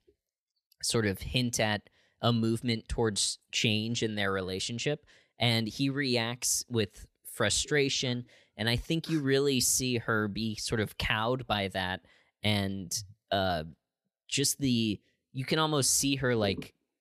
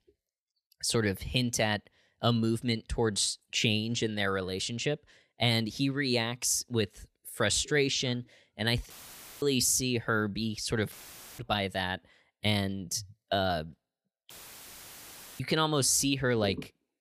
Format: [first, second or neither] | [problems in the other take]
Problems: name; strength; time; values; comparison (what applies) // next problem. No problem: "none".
first | audio cutting out; filled with static; at 9 s for 0.5 s, at 11 s and at 14 s for 1 s